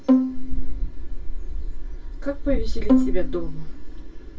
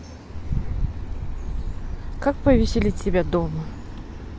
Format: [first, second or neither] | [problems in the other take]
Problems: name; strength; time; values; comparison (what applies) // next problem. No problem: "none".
second | background sound (Bowed string instrument); 4 dB below the speech // room echo; dies away in 0.2 s